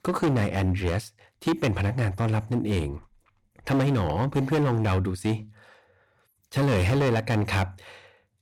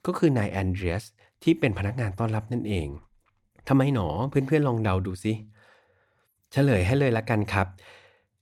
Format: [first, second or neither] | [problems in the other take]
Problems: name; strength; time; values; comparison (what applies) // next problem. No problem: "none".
second | distortion; heavy; 13% of the sound clipped